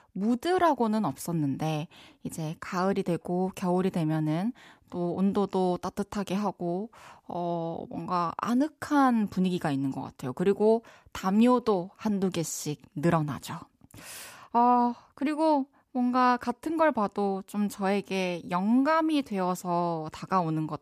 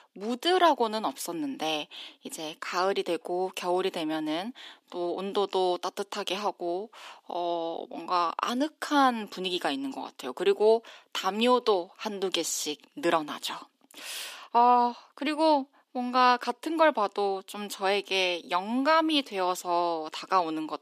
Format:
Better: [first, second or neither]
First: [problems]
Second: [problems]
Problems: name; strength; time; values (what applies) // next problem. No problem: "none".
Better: first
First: none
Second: thin; somewhat; fading below 300 Hz